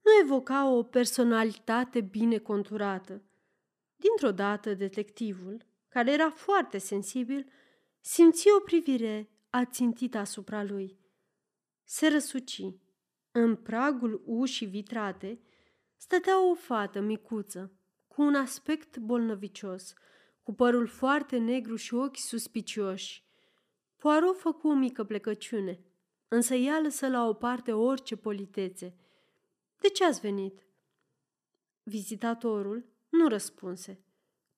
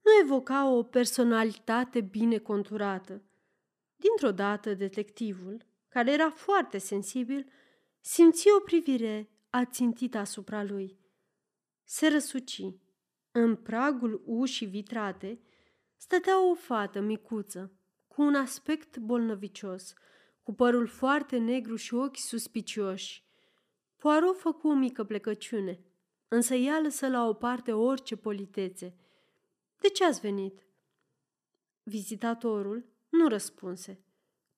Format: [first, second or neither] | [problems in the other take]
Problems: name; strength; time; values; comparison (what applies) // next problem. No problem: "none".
neither | none